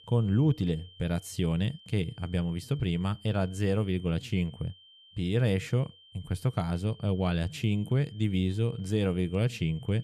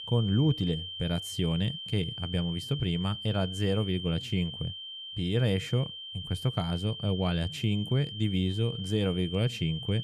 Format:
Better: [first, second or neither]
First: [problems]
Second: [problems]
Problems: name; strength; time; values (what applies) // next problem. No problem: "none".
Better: first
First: high-pitched whine; faint; throughout; 3 kHz, 25 dB below the speech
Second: high-pitched whine; loud; throughout; 3 kHz, 8 dB below the speech